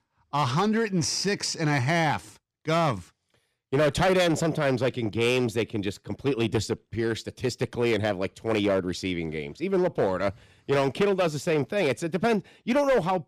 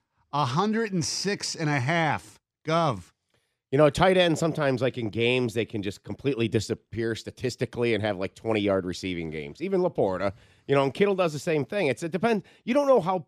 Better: second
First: distortion; slight; 7% of the sound clipped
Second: none

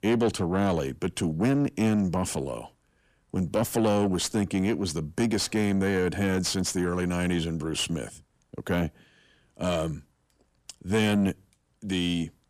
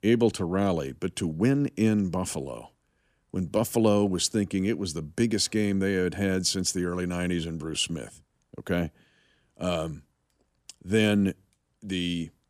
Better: second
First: distortion; slight; 9 dB below the speech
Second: none

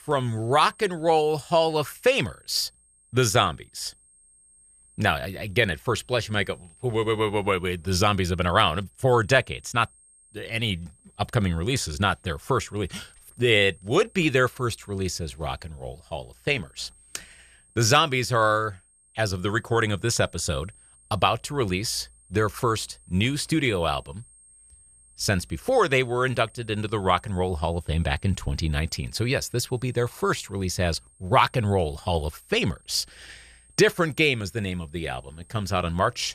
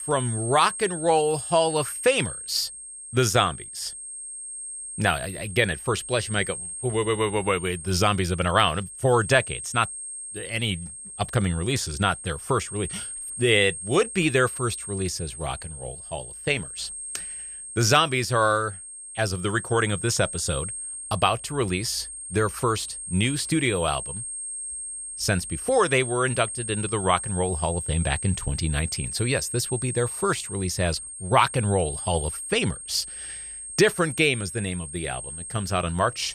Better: first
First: high-pitched whine; faint; throughout; 8.5 kHz, 30 dB below the speech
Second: high-pitched whine; loud; throughout; 8.5 kHz, 8 dB below the speech

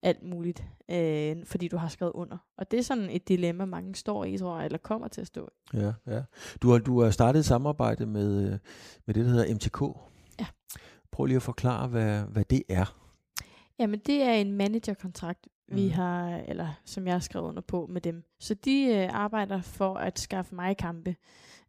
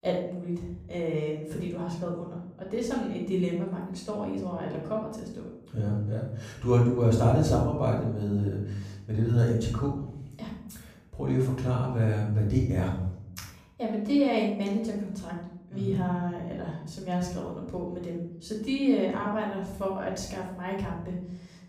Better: first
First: none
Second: off-mic speech; far // room echo; noticeable; dies away in 0.7 s

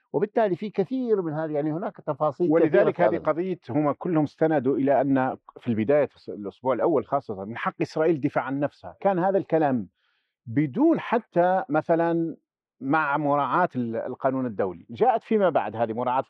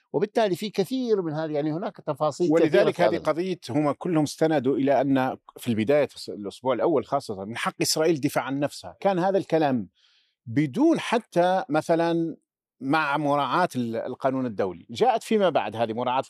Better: second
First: muffled; very; fading above 1.5 kHz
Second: none

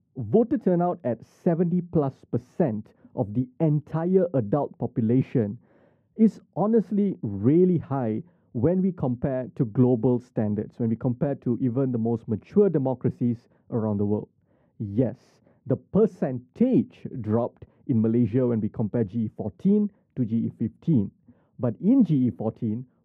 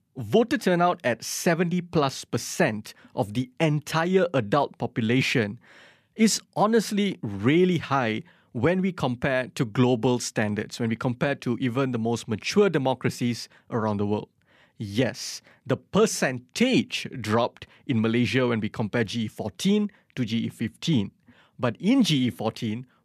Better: second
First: muffled; very; fading above 1.5 kHz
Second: none

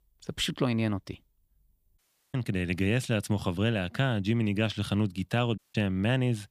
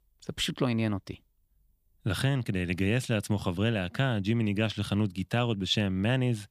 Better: second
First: audio cutting out; at 2 s and at 5.5 s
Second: none

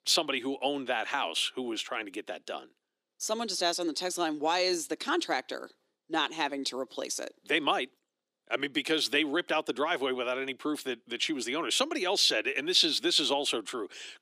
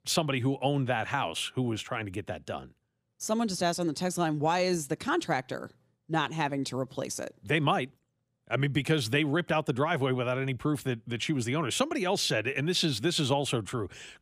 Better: second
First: thin; somewhat; fading below 300 Hz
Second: none

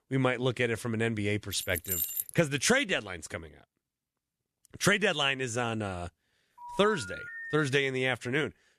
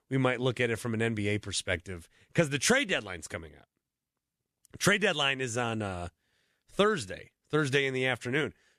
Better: second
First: jangling keys; noticeable; at 1.5 s; peak 1 dB below the speech // phone ringing; noticeable; from 6.5 to 7.5 s; peak 10 dB below the speech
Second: none

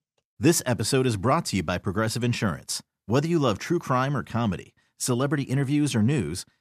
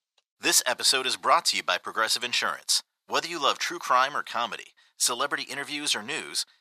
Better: first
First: none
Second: thin; very; fading below 950 Hz

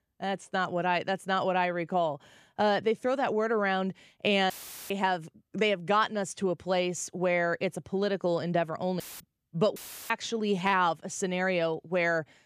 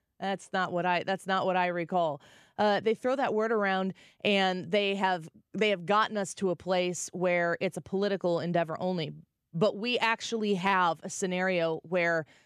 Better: second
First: audio cutting out; filled with static; at 4.5 s, at 9 s and at 10 s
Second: none

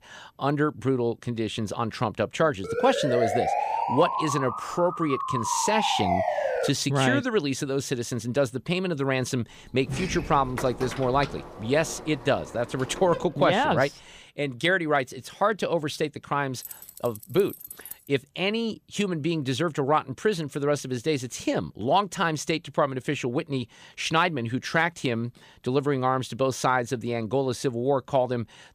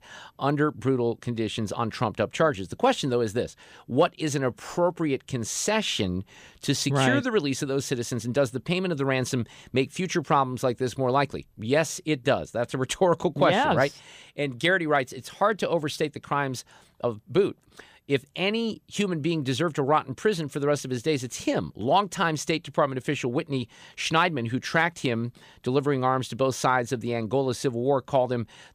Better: second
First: siren; loud; from 2.5 to 6.5 s; peak 1 dB above the speech // door banging; noticeable; from 10 to 13 s; peak 7 dB below the speech // jangling keys; faint; from 17 to 18 s; peak 10 dB below the speech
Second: none

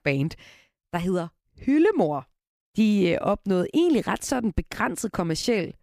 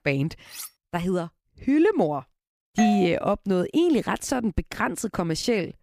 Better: first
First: none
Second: clattering dishes; faint; at 0.5 s; peak 15 dB below the speech // doorbell; noticeable; at 3 s; peak 4 dB below the speech

